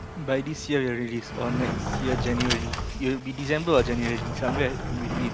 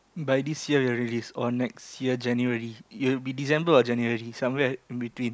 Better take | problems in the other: second | background sound (Sliding door); 3 dB below the speech

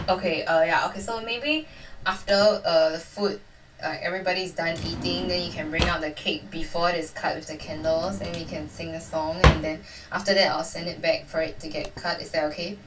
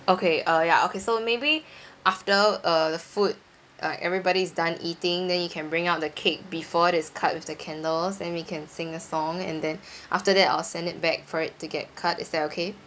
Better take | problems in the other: second | background sound (Drawer open or close); 6 dB below the speech // room echo; dies away in 0.1 s

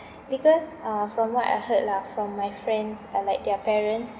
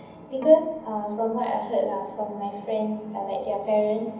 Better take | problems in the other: first | background sound (Bowed string instrument); 19 dB below the speech // room echo; dies away in 0.8 s

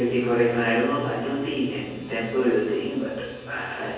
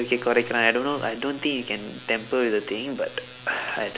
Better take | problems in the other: second | room echo; dies away in 1.3 s

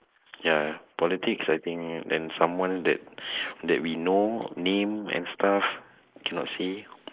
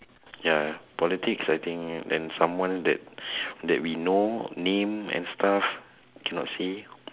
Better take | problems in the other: second | noise reduction (neural mask model Resemble Enhance denoiser)

